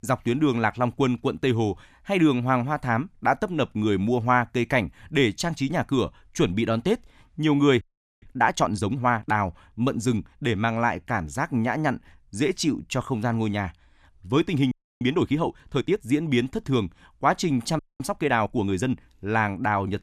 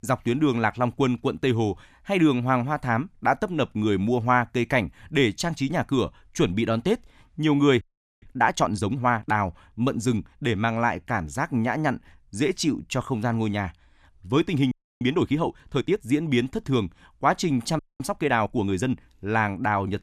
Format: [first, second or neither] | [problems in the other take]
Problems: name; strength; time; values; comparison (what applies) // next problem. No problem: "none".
neither | audio freezing; at 8 s, at 15 s and at 18 s; the same in both